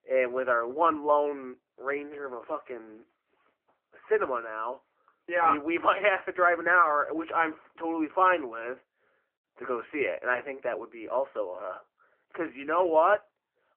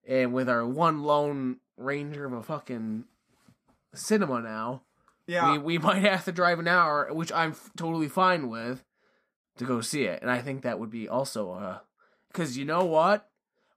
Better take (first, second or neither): second